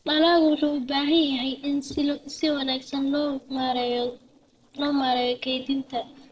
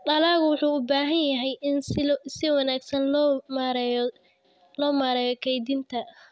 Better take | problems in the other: second | noise reduction (neural separator model SepFormer DNS4)

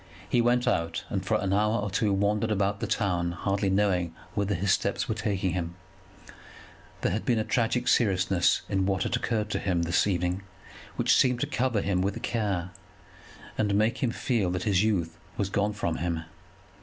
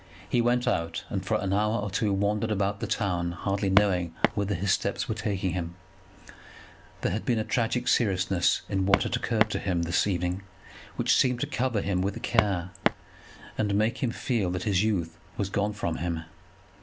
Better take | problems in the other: first | background sound (Walk, footsteps); 1 dB above the speech

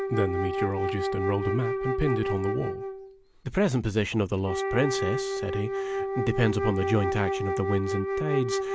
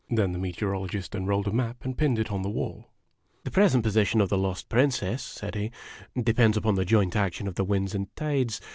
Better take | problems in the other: second | background sound (Wind instrument, woodwind instrument); 1 dB below the speech

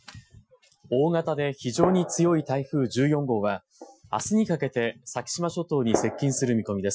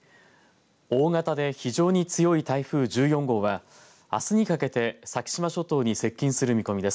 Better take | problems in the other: second | noise reduction (classical method Wiener filter)

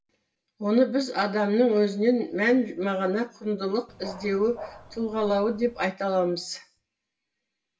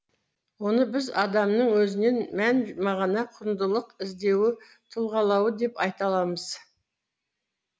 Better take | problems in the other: second | background sound (Dog); 17 dB below the speech // room echo; dies away in 0.2 s

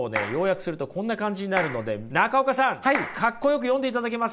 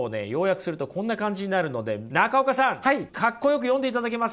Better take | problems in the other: second | background sound (Clapping); 11 dB below the speech

